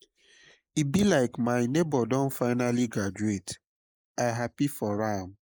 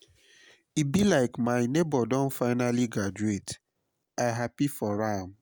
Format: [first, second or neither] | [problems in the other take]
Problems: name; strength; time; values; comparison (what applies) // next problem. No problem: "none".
second | noise reduction (neural mask model Resemble Enhance denoiser)